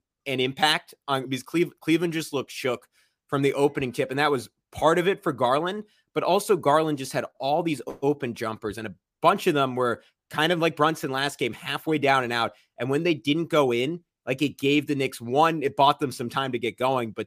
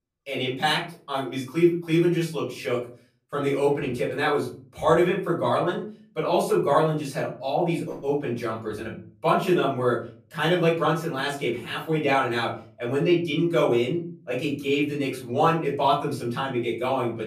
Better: first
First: none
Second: off-mic speech; far // room echo; slight; dies away in 0.5 s

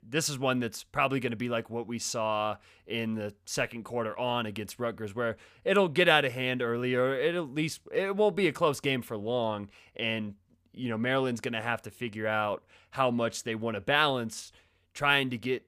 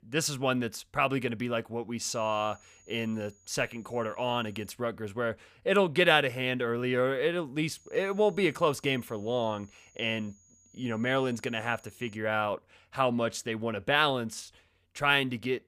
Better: first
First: none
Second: high-pitched whine; faint; from 2 to 5 s and from 8 to 12 s; 6.5 kHz, 30 dB below the speech

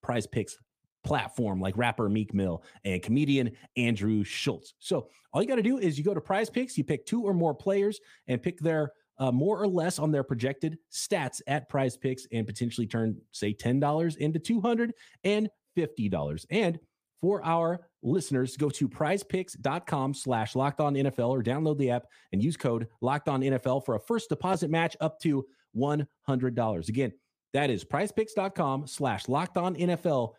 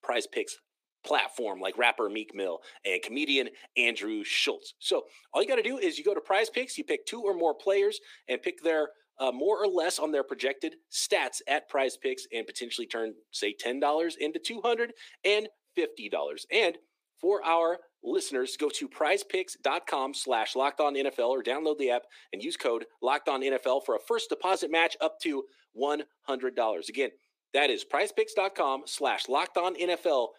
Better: first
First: none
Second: thin; very; fading below 350 Hz

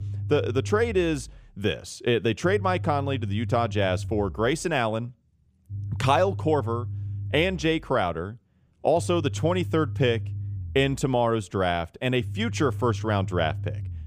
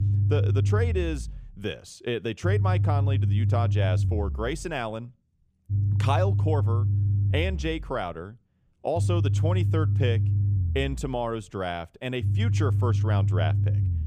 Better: first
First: low rumble; faint; throughout; 20 dB below the speech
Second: low rumble; loud; throughout; 8 dB below the speech

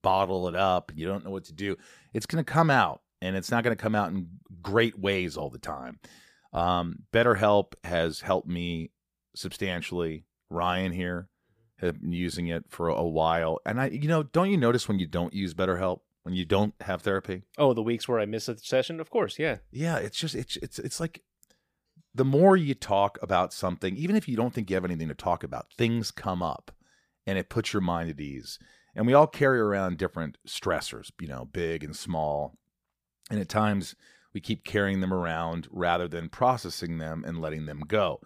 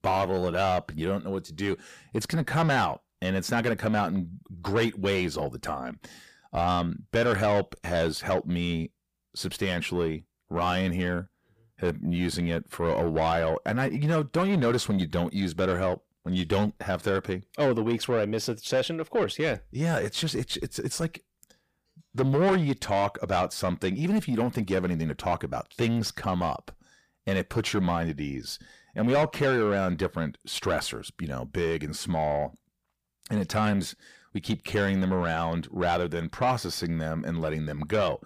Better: first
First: none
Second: distortion; heavy; 8 dB below the speech

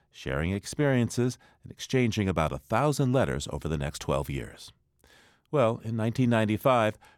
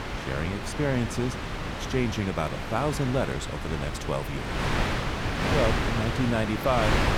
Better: first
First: none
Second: wind noise on the microphone; heavy; 1 dB below the speech

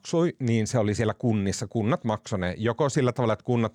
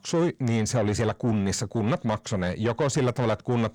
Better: first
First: none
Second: distortion; slight; 10 dB below the speech

